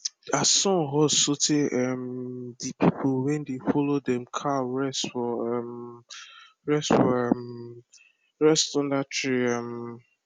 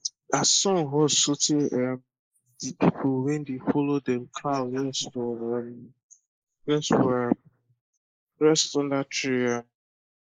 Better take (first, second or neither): first